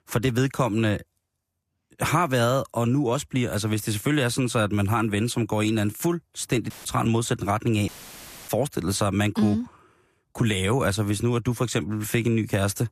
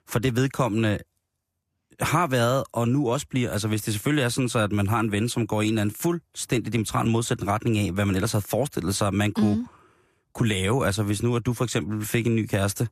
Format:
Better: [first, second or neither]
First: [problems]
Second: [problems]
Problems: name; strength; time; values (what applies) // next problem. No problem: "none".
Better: second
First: audio cutting out; filled with static; at 6.5 s and at 8 s for 0.5 s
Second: none